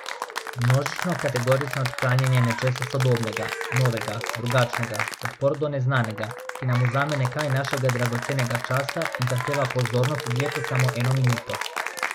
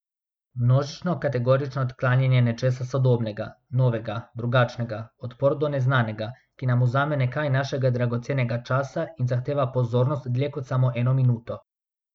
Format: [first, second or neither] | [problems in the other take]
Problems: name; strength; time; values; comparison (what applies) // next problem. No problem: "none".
second | background sound (Applause / Cheering); 6 dB below the speech